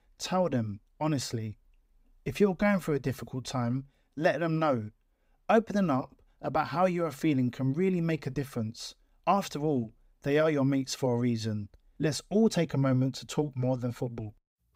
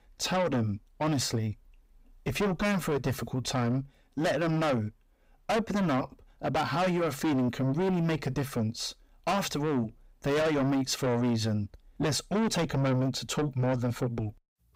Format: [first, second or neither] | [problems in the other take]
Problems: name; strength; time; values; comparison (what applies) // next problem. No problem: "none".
first | distortion; heavy; 6 dB below the speech